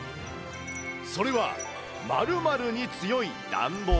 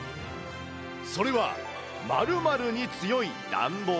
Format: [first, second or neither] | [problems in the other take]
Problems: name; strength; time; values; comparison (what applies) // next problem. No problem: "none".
second | background sound (Wind chime); 8 dB below the speech